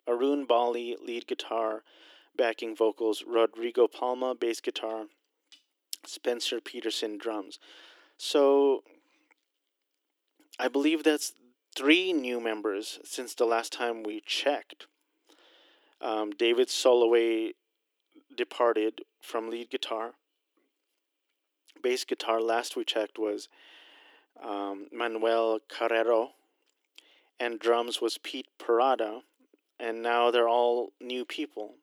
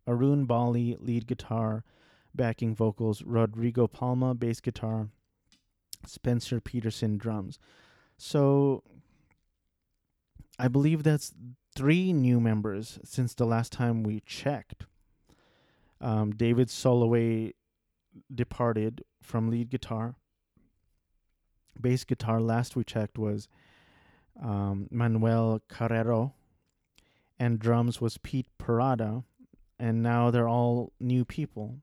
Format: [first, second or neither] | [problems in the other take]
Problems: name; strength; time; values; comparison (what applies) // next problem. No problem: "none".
second | thin; very; fading below 300 Hz